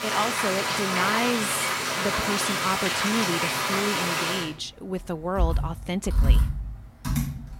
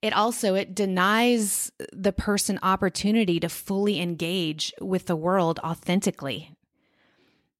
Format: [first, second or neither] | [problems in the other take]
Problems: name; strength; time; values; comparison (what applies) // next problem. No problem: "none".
second | household noises; very loud; throughout; 4 dB above the speech